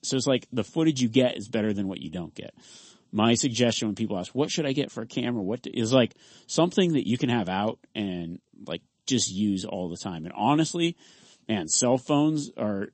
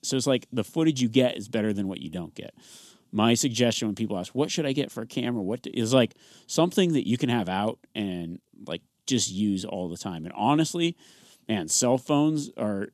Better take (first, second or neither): second